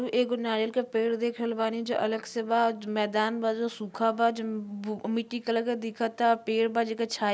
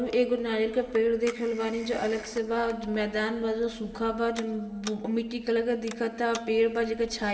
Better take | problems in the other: first | background sound (Telephone); 19 dB below the speech // room echo; dies away in 2.9 s

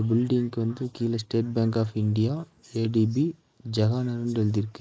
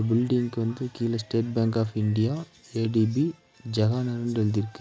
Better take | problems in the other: second | noise reduction (neural mask model Resemble Enhance denoiser)

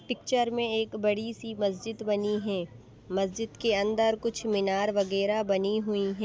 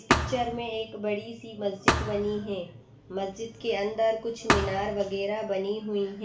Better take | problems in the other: first | background sound (Thump, thud); as loud as the speech // room echo; dies away in 0.4 s

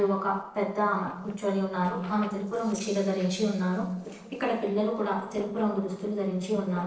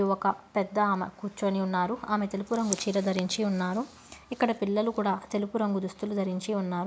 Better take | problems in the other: second | noise reduction (neural separator model SepFormer DNS4)

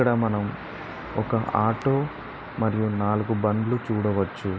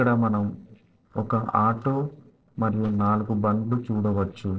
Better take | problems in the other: first | noise reduction (neural separator model SepFormer DNS4)

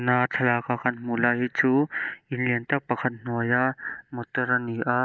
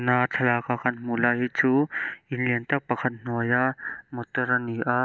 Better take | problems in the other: second | noise reduction (neural mask model Resemble Enhance denoiser)

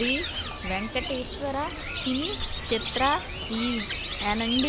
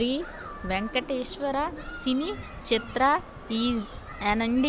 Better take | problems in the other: second | background sound (Bird); 3 dB below the speech

